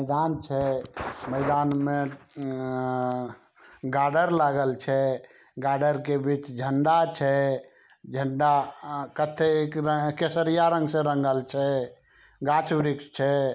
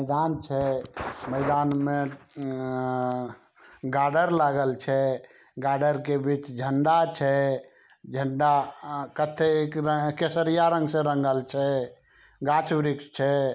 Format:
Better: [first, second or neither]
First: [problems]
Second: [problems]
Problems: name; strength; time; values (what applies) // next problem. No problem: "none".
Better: second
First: background sound (Tap); 12 dB below the speech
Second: none